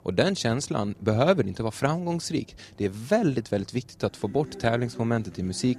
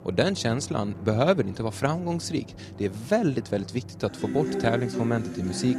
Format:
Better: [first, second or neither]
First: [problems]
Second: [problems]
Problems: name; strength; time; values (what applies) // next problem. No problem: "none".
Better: first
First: background music; faint; throughout; 20 dB below the speech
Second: background music; loud; throughout; 9 dB below the speech